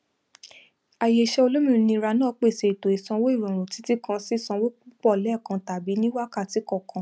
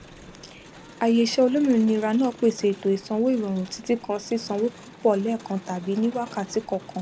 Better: first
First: none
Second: background sound (Crowd); 19 dB below the speech

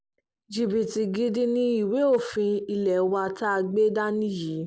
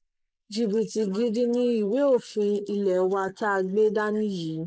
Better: first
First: none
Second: noise reduction (neural mask model Resemble Enhance denoiser)

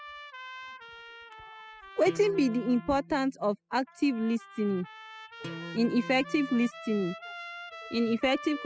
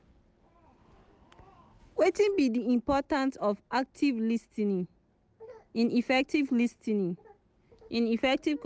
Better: second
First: noise reduction (classical method spectral subtraction)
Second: none

